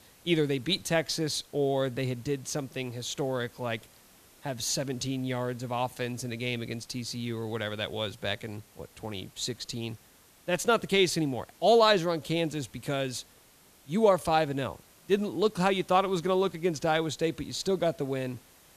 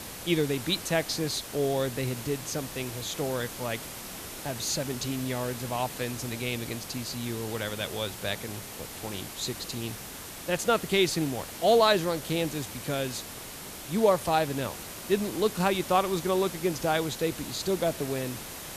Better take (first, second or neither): first